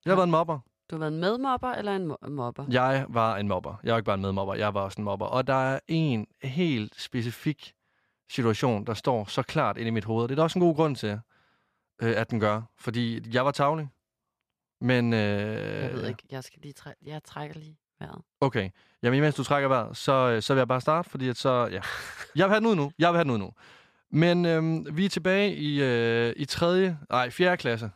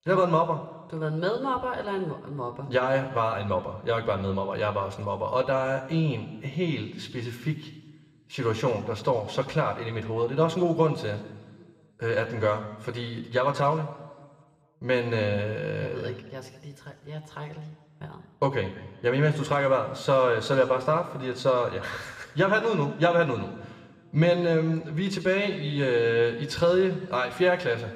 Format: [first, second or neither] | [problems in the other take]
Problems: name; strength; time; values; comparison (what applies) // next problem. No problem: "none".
first | room echo; slight; dies away in 1.4 s